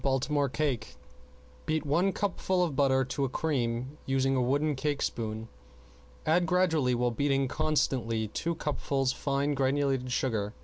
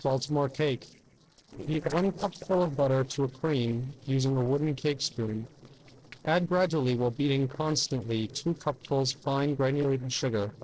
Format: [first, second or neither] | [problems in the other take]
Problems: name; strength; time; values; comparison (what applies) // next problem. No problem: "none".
first | noise reduction (neural separator model SepFormer DNS4)